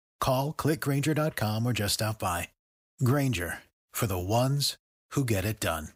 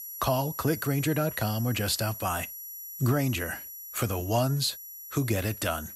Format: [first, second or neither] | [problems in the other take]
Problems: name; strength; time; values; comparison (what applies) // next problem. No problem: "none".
first | high-pitched whine; loud; throughout; 11.5 kHz, 10 dB below the speech